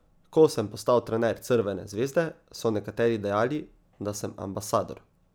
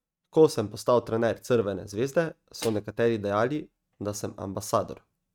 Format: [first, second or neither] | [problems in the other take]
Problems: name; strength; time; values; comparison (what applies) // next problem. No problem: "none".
first | noise reduction (neural mask model RNNoise)